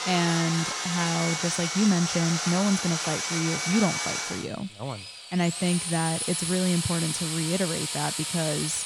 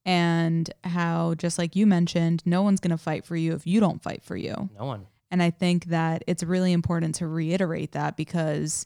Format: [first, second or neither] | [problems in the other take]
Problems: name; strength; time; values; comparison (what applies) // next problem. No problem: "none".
second | machinery noise; loud; throughout; 1 dB below the speech